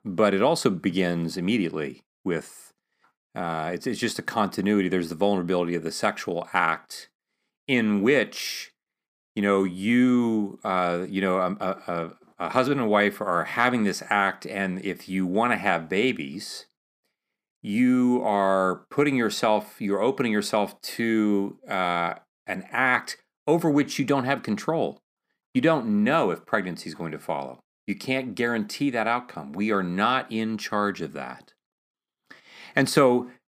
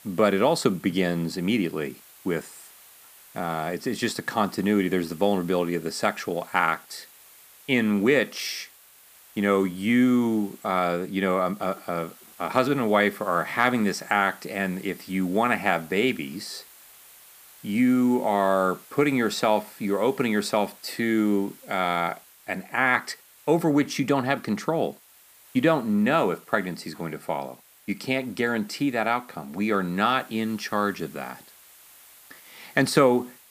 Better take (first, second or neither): first